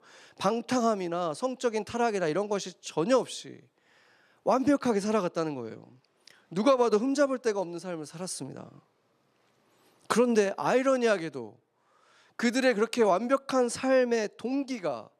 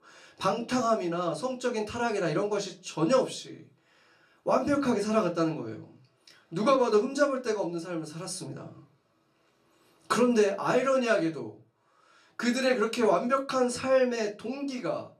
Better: first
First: none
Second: off-mic speech; somewhat distant // room echo; very slight; dies away in 0.2 s

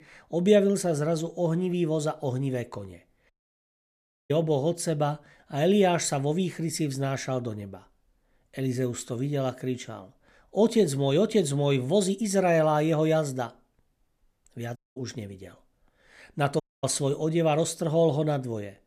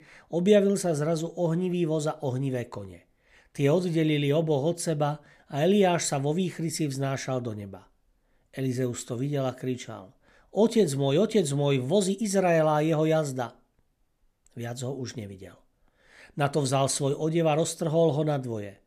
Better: second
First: audio cutting out; at 3.5 s for 1 s, at 15 s and at 17 s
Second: none

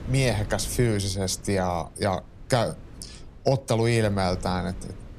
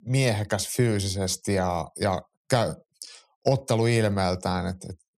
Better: second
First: wind noise on the microphone; occasional gusts; 20 dB below the speech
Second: none

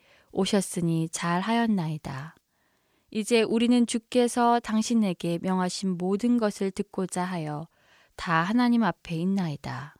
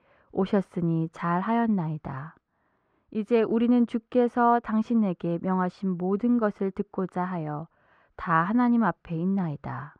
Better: first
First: none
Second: muffled; very; fading above 3.5 kHz

